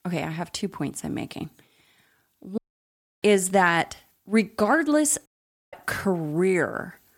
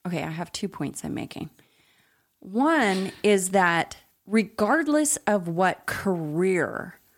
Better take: second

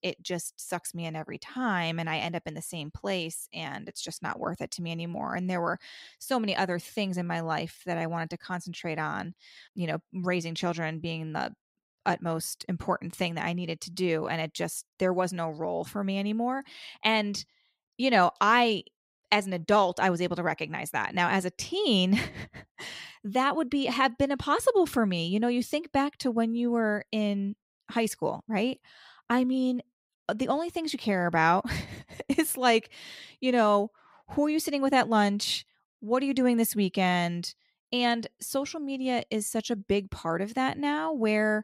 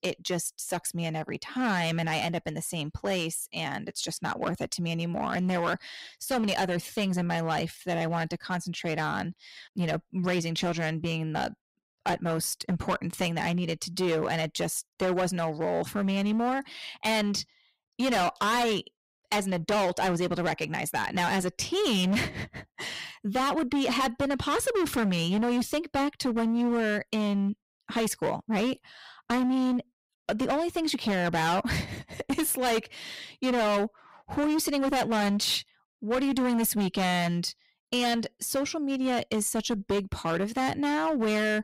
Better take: first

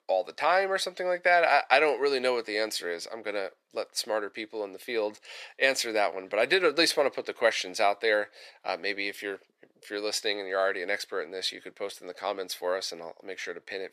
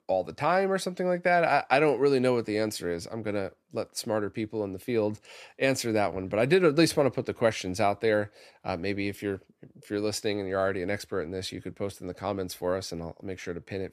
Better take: second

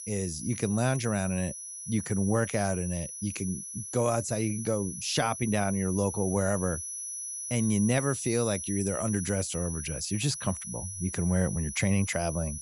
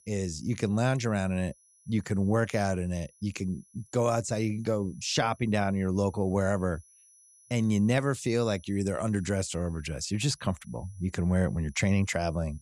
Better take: second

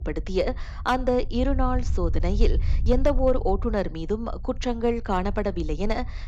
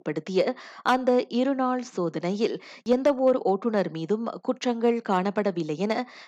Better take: second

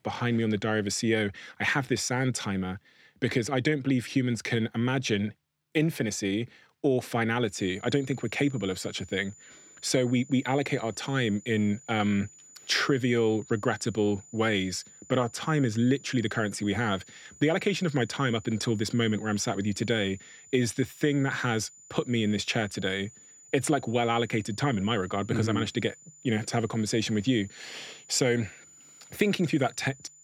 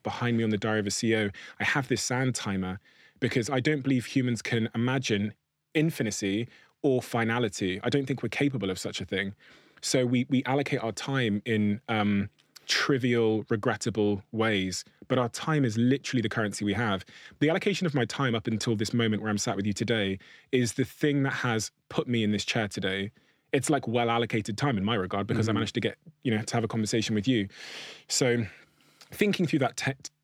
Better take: second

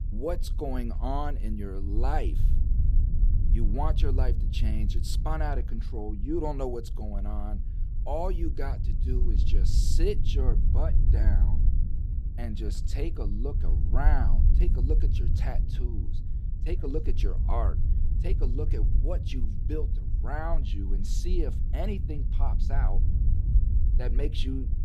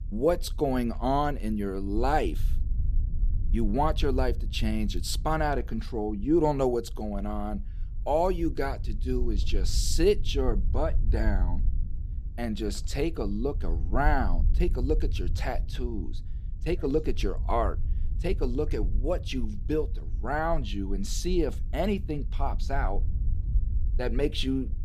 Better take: second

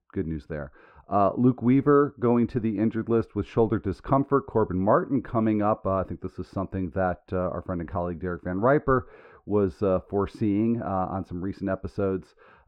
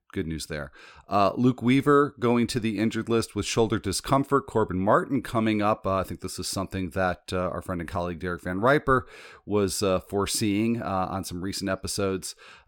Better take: second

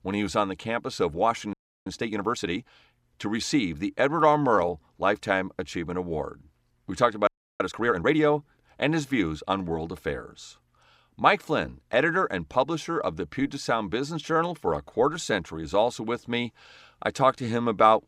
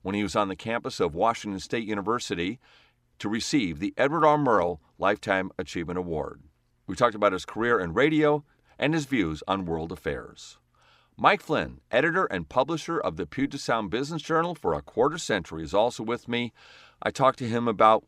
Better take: second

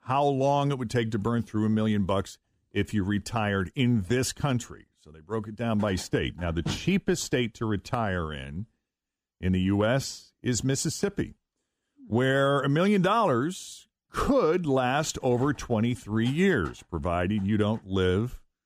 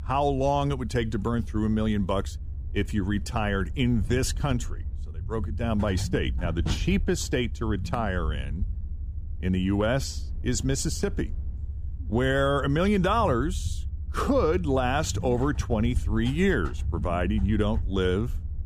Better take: first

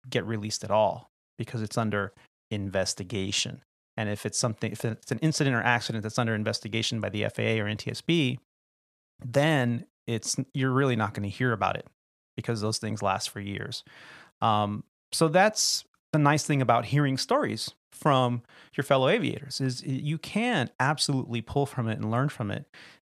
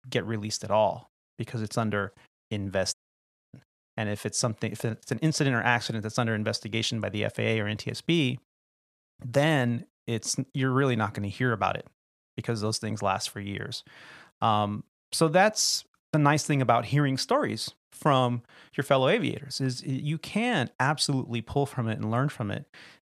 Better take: first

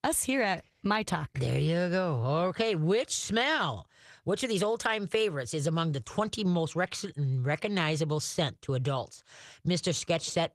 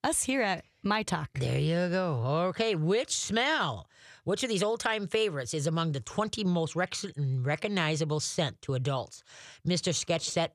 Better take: second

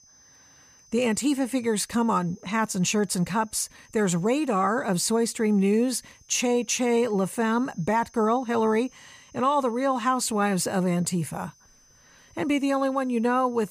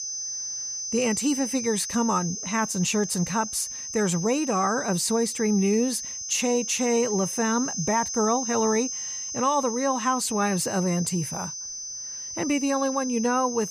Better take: first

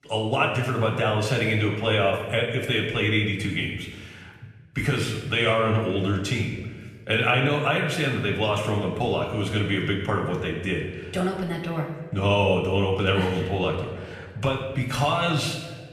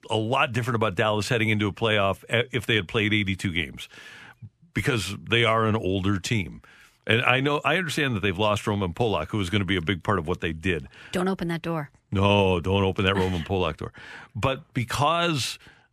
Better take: second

